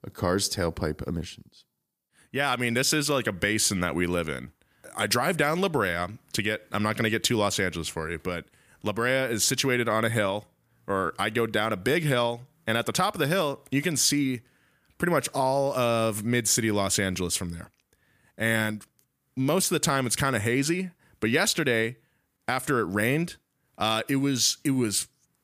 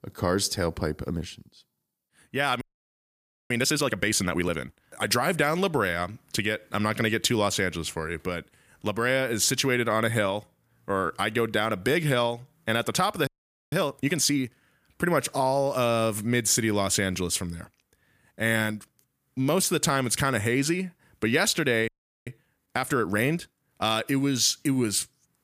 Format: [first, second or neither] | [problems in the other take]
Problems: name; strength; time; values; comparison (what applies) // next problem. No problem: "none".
first | audio freezing; at 2.5 s for 1 s, at 13 s and at 22 s